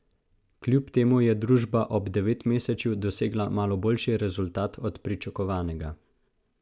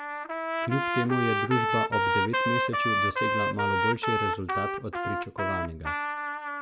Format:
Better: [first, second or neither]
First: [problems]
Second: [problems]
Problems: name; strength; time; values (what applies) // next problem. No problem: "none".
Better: first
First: none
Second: background sound (Trumpet); 4 dB above the speech